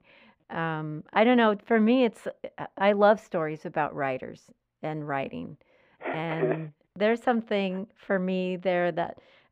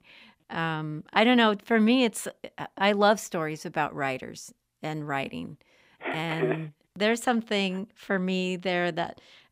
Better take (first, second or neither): second